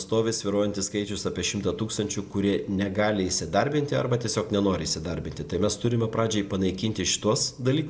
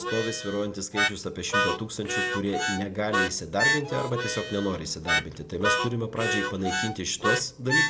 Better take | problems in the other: first | background sound (Harmonica); 1 dB above the speech

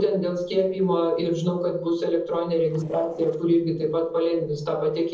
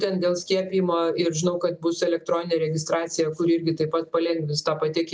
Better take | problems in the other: second | noise reduction (neural separator model SepFormer DNS4)

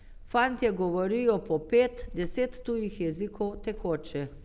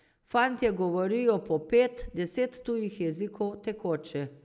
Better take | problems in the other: second | background sound (Purr); 15 dB below the speech

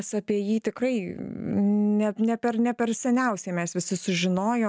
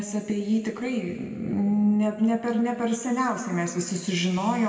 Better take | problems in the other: first | room echo; dies away in 2.2 s

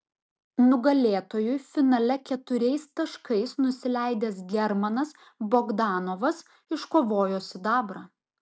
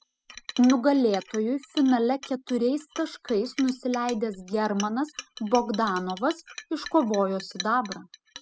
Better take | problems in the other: first | noise reduction (classical method spectral subtraction)

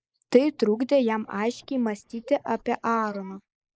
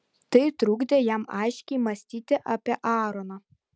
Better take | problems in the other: second | noise reduction (neural mask model Resemble Enhance denoiser)

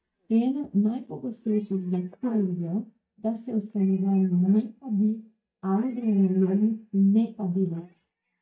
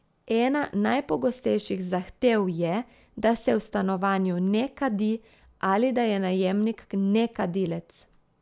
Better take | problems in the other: second | noise reduction (neural mask model DeepFilterNet 3)

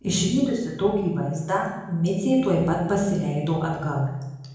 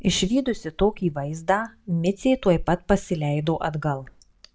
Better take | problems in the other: second | room echo; dies away in 0.9 s

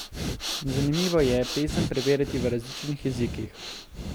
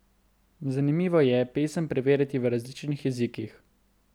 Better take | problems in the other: second | background sound (Breathing); 5 dB below the speech

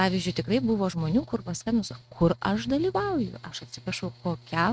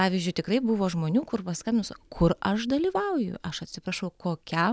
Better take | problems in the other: second | noise reduction (neural mask model RNNoise)

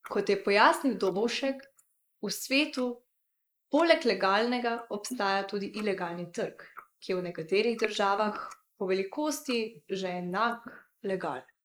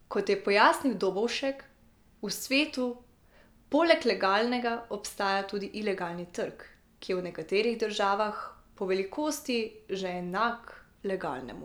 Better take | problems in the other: second | noise reduction (neural mask model Resemble Enhance denoiser)

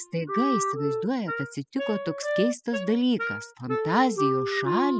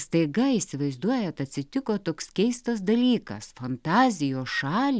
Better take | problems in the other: second | noise reduction (classical method spectral subtraction)

